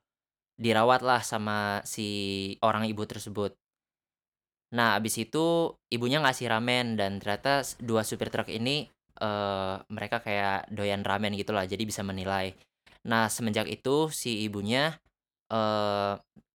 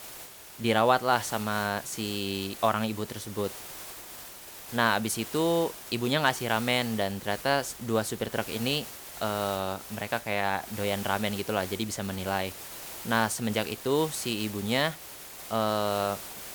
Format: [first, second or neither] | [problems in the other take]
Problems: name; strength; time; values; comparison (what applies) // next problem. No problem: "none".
first | hiss; noticeable; throughout; 10 dB below the speech